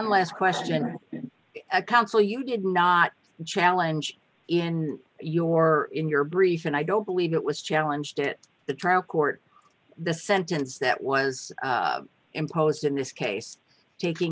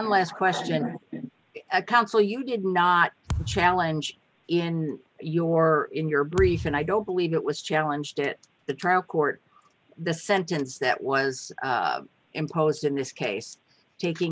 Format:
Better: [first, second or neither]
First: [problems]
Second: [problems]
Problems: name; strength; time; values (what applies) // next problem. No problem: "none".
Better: first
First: none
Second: background sound (Thump, thud); 10 dB below the speech